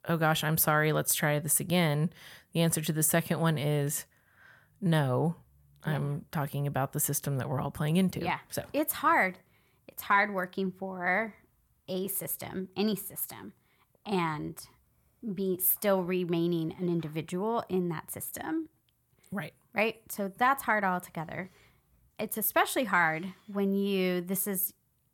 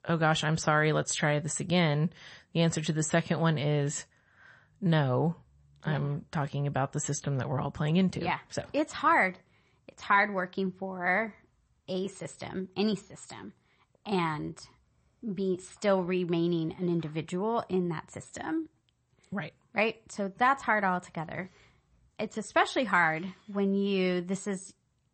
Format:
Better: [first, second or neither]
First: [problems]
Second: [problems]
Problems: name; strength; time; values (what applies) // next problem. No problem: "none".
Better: first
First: none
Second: garbled, watery; slightly; nothing above 8 kHz